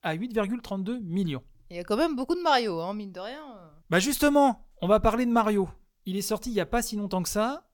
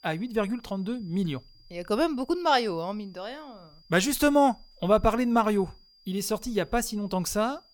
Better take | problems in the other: first | high-pitched whine; faint; throughout; 5 kHz, 30 dB below the speech

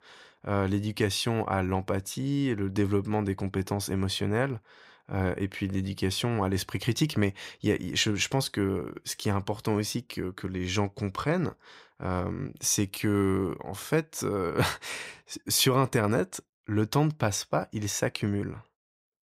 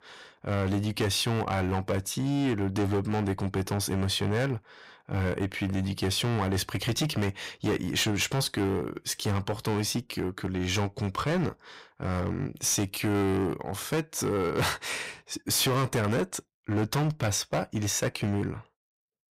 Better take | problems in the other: first | distortion; heavy; 14% of the sound clipped

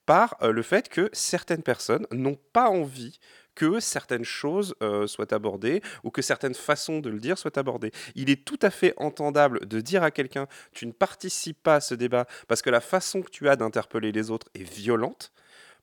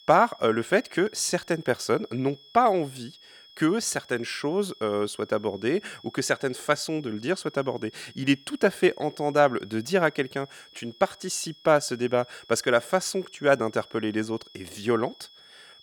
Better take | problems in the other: first | high-pitched whine; faint; throughout; 3.5 kHz, 25 dB below the speech

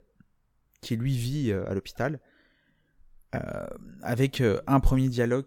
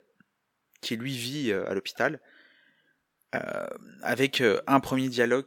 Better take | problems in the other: first | thin; somewhat; fading below 250 Hz

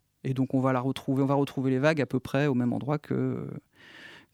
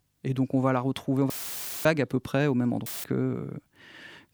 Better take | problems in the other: first | audio cutting out; filled with static; at 1.5 s for 0.5 s and at 3 s

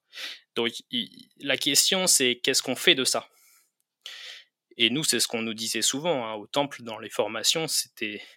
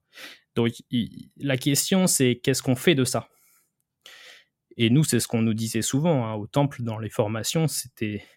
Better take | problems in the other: second | thin; somewhat; fading below 350 Hz

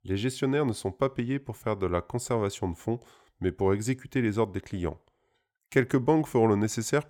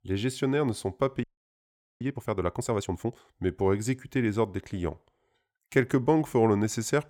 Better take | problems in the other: first | audio freezing; at 1 s for 1 s

